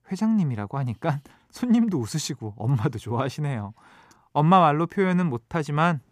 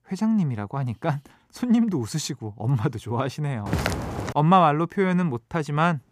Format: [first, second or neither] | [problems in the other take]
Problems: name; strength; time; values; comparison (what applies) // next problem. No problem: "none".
first | footsteps; noticeable; at 3.5 s; peak 2 dB below the speech